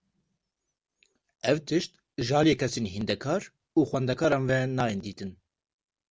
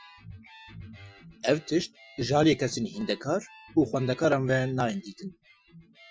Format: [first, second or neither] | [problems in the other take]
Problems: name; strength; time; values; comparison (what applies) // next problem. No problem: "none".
first | noise reduction (classical method Wiener filter)